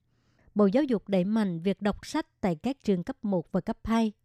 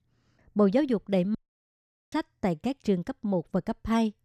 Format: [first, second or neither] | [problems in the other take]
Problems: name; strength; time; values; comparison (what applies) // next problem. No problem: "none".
first | audio cutting out; at 1.5 s for 1 s